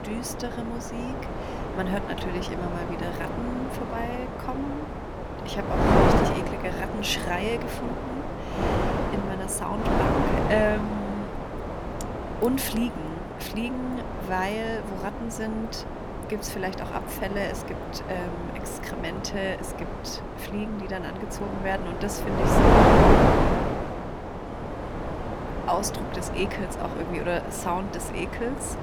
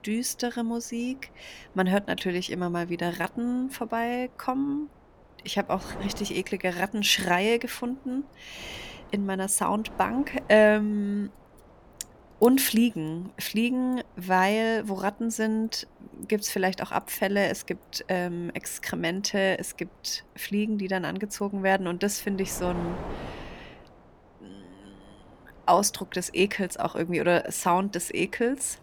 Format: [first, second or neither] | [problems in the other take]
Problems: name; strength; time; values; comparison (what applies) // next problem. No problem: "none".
second | wind noise on the microphone; heavy; 3 dB above the speech; occasional gusts in the second